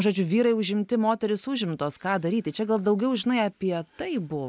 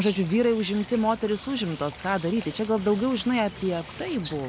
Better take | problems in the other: first | background sound (Water / Bird); 16 dB below the speech

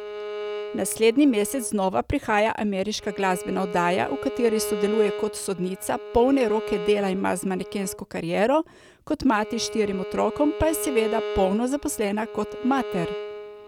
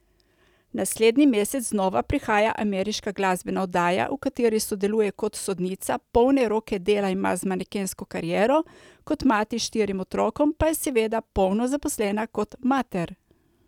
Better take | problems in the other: second | background sound (Bowed string instrument); 10 dB below the speech

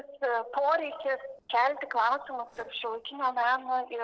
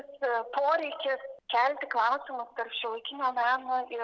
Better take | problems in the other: second | noise reduction (neural separator model SepFormer DNS4)

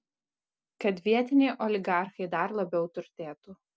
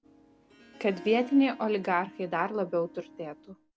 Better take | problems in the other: first | background sound (Harp); 20 dB below the speech

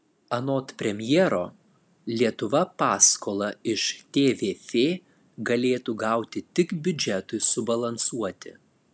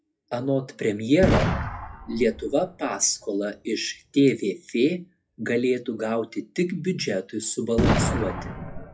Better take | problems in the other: first | noise reduction (classical method WPE with log-MMSE)

